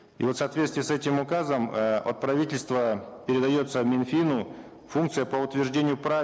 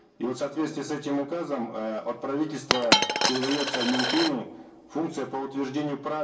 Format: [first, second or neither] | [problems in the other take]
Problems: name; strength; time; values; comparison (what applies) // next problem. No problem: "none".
first | background sound (Coin (dropping)); as loud as the speech // room echo; dies away in 0.3 s